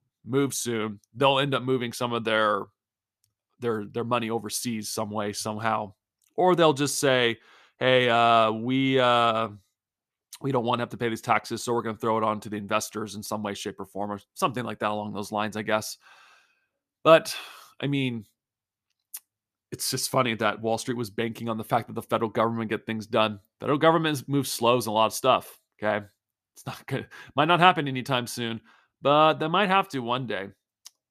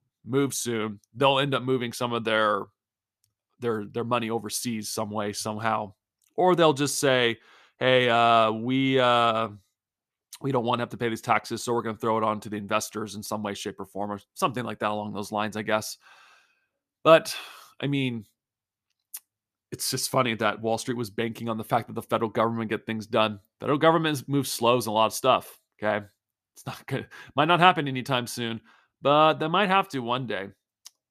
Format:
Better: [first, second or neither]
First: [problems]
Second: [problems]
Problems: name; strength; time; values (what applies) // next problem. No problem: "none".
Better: neither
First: none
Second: none